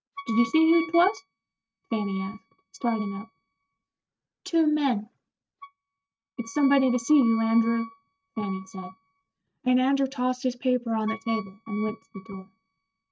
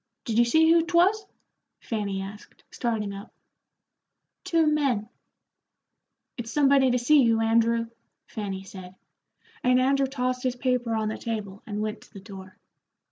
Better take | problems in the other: second | noise reduction (neural mask model RNNoise)

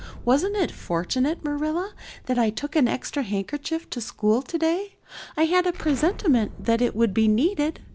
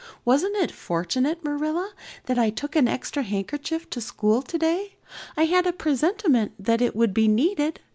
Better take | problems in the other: second | background sound (Explosion); 17 dB below the speech

